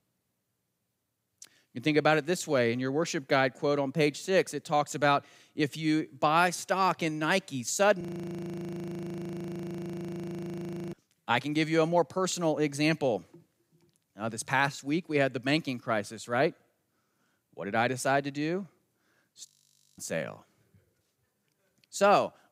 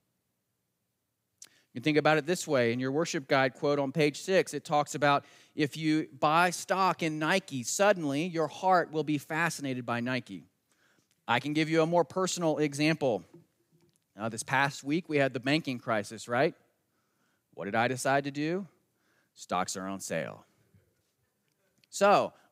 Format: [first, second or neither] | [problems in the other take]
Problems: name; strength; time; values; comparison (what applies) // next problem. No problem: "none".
second | audio freezing; at 8 s for 3 s and at 19 s for 0.5 s